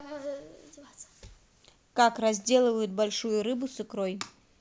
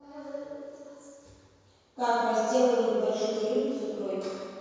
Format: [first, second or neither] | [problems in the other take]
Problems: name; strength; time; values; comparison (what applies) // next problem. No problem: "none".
first | room echo; dies away in 2.2 s